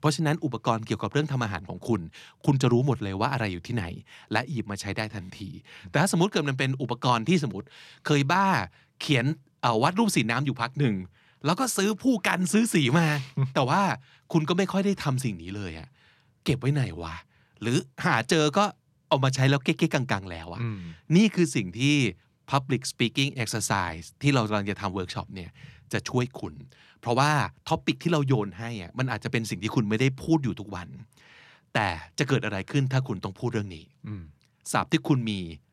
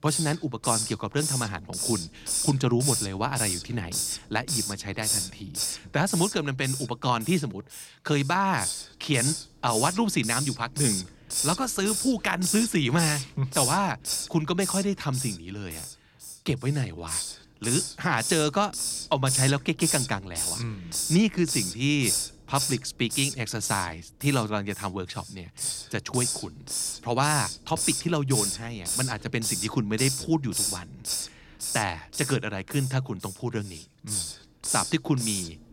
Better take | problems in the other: first | hiss; loud; throughout; 1 dB below the speech

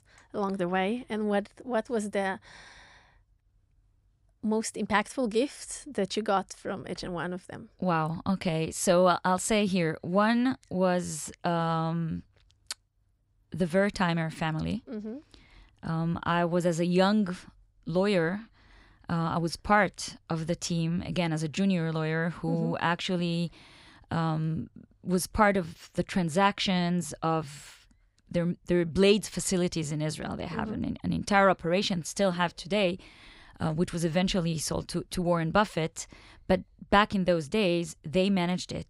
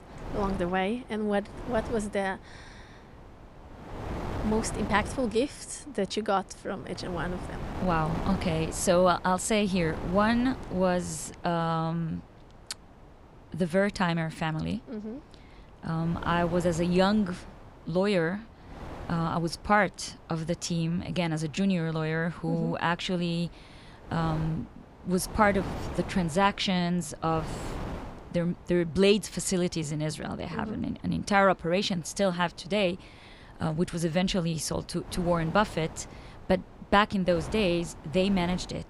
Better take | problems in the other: first | wind noise on the microphone; occasional gusts; 15 dB below the speech

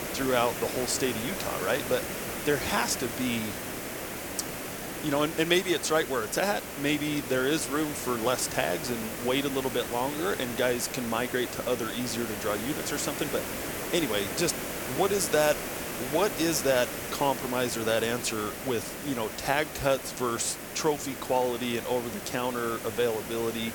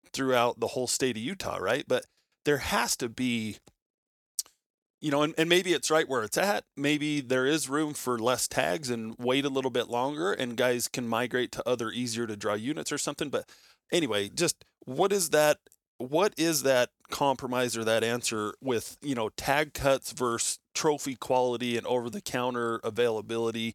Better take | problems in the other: second | hiss; loud; throughout; 6 dB below the speech

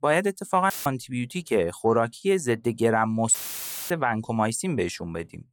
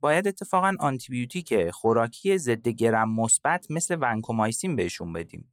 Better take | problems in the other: second | audio cutting out; filled with static; at 0.5 s and at 3.5 s for 0.5 s

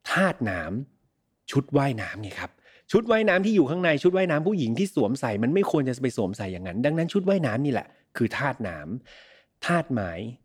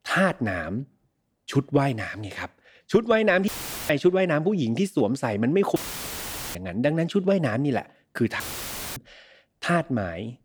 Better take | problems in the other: first | audio cutting out; filled with static; at 3.5 s, at 6 s for 1 s and at 8.5 s for 0.5 s

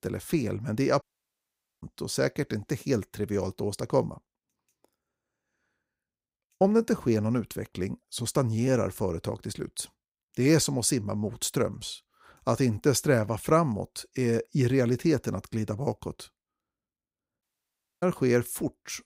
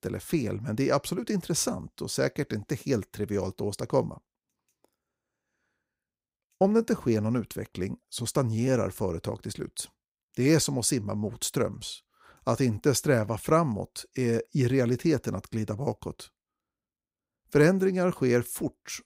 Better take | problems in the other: second | audio cutting out; at 1 s for 1 s and at 17 s for 0.5 s

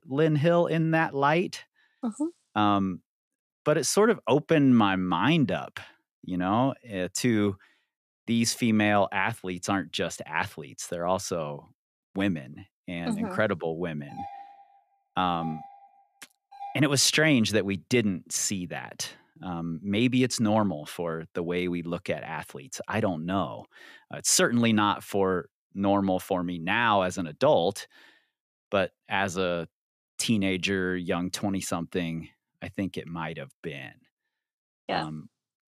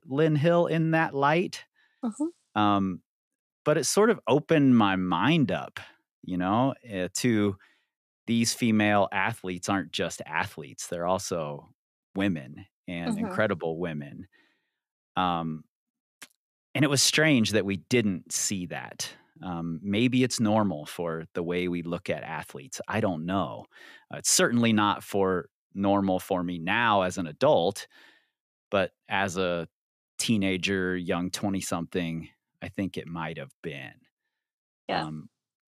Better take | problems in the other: second | doorbell; faint; from 14 to 17 s; peak 15 dB below the speech

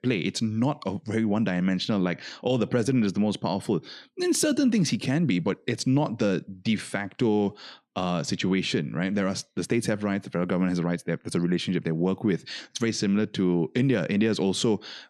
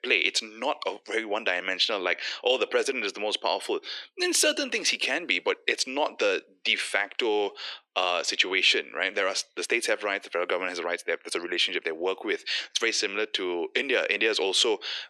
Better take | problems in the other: first | thin; very; fading below 400 Hz

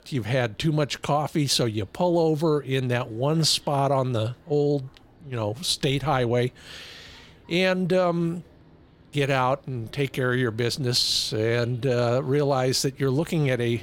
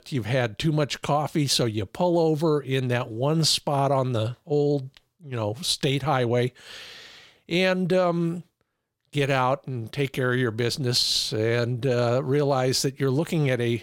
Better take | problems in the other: second | animal sounds; faint; throughout; 30 dB below the speech

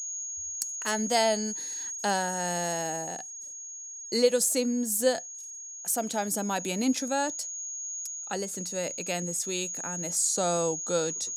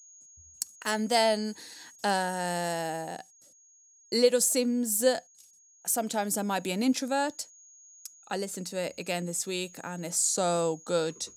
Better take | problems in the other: second | high-pitched whine; loud; throughout; 6.5 kHz, 6 dB below the speech; faint in the second

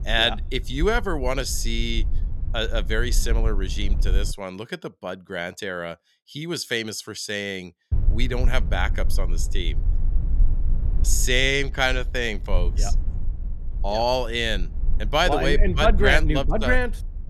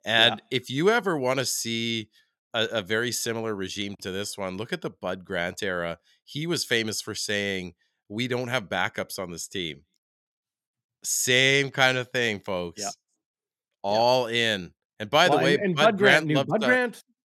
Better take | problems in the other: second | low rumble; faint; until 4.5 s and from 8 s on; 20 dB below the speech

